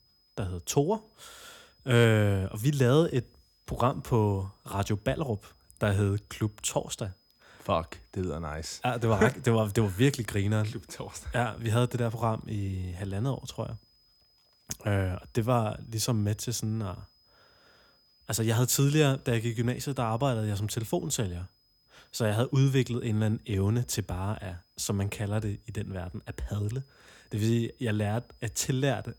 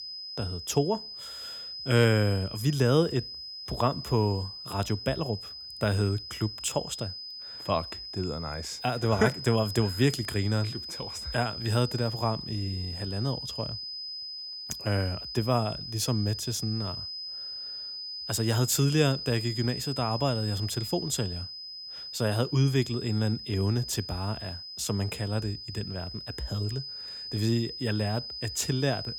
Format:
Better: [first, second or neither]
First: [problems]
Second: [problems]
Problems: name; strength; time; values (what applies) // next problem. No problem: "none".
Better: first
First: high-pitched whine; faint; throughout; 5 kHz, 35 dB below the speech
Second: high-pitched whine; loud; throughout; 5 kHz, 7 dB below the speech